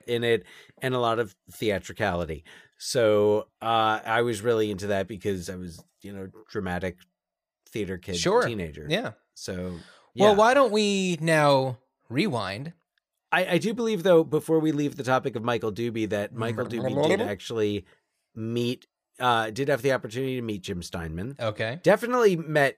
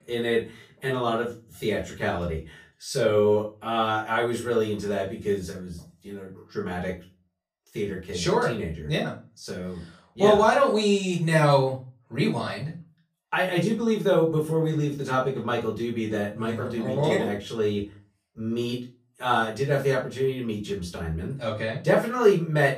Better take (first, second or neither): first